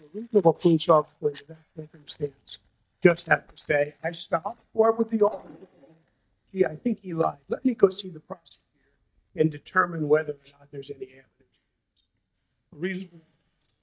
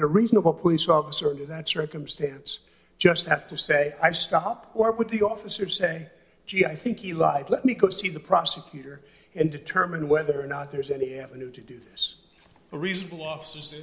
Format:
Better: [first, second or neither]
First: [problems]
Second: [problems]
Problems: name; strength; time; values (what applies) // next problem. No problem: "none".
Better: second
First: noise reduction (neural mask model DeepFilterNet 3)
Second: none